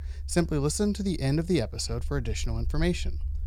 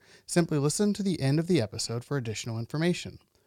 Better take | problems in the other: second | low rumble; faint; throughout; 25 dB below the speech

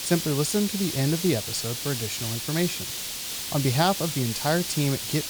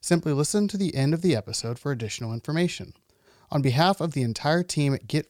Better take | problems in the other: second | hiss; loud; throughout; 3 dB below the speech

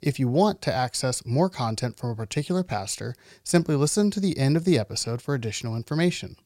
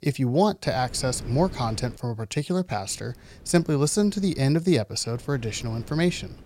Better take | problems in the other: first | wind noise on the microphone; occasional gusts; from 0.5 to 2 s, from 3 to 4.5 s and from 5 s on; 20 dB below the speech

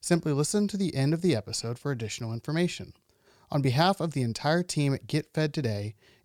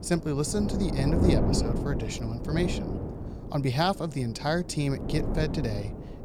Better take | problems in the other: first | wind noise on the microphone; heavy; 4 dB below the speech

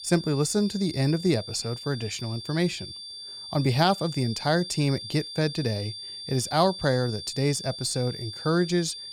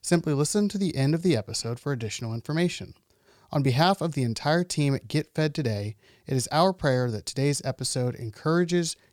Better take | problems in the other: second | high-pitched whine; loud; throughout; 4.5 kHz, 10 dB below the speech

